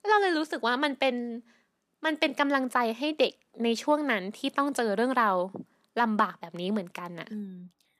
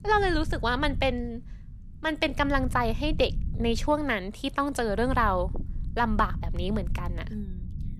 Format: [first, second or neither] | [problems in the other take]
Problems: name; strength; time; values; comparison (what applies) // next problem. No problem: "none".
first | low rumble; faint; throughout; 25 dB below the speech